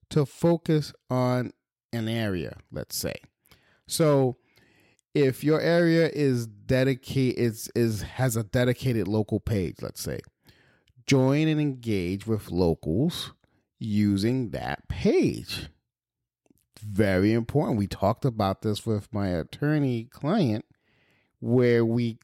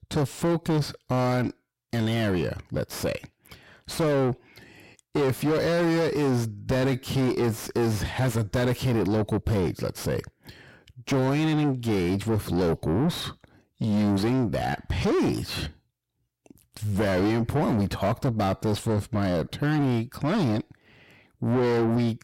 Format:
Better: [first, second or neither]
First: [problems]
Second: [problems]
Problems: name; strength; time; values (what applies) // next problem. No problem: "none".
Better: first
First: none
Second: distortion; heavy; 6 dB below the speech